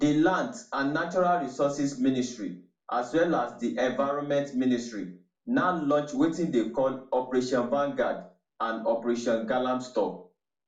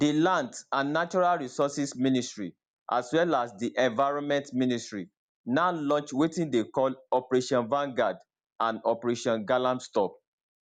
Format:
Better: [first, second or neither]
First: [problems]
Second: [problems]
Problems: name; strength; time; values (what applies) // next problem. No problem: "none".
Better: second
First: room echo; dies away in 0.3 s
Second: none